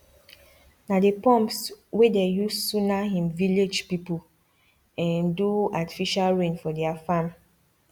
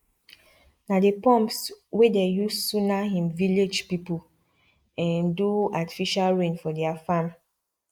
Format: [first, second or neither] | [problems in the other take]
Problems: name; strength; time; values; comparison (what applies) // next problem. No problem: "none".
first | noise reduction (neural mask model Resemble Enhance denoiser)